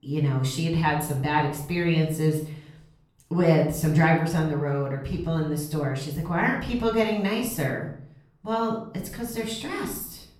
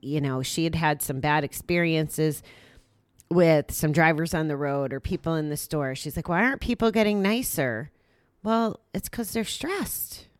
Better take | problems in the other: second | off-mic speech; far // room echo; noticeable; dies away in 0.5 s

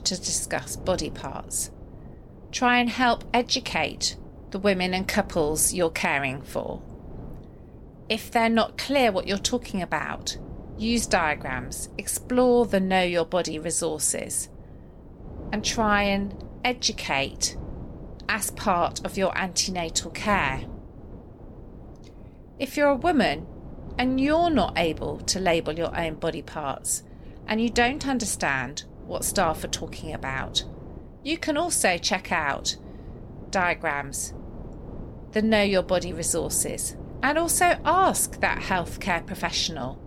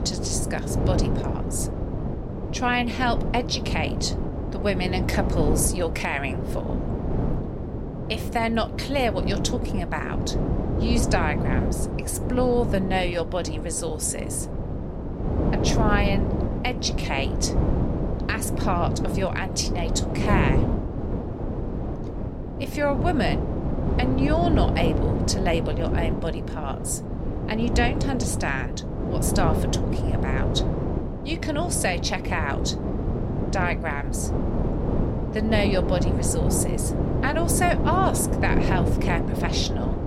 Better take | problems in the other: first | wind noise on the microphone; heavy; 5 dB below the speech; occasional gusts in the first

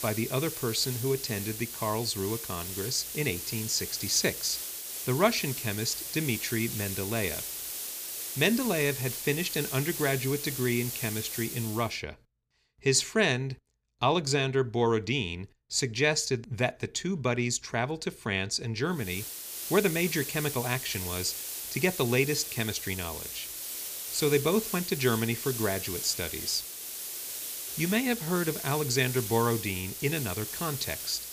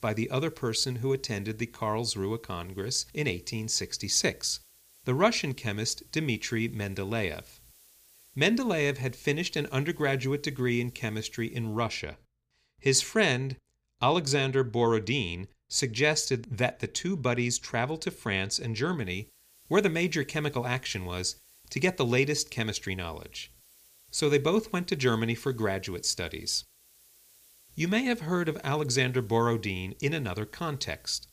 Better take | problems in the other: second | hiss; loud; until 12 s and from 19 s on; 5 dB below the speech; faint in the second

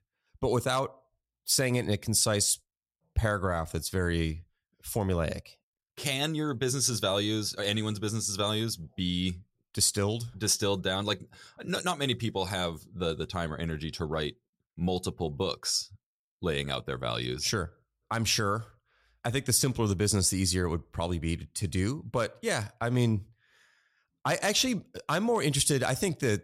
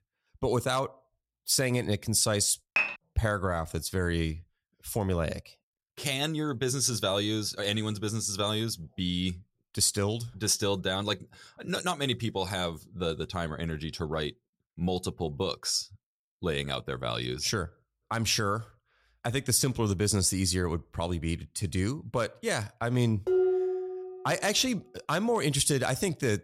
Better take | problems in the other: first | clattering dishes; loud; at 3 s and at 23 s; peak 4 dB above the speech

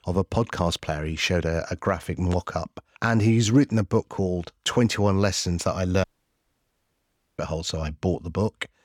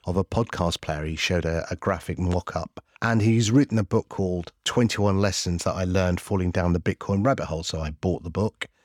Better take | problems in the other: second | audio cutting out; at 6 s for 1.5 s

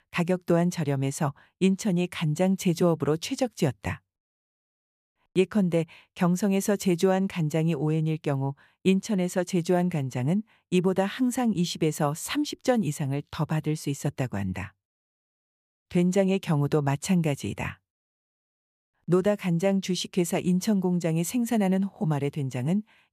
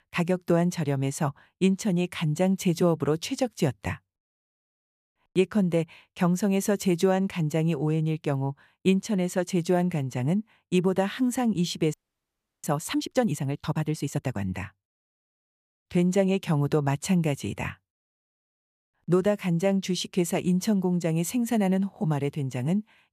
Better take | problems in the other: first | audio freezing; at 12 s for 0.5 s

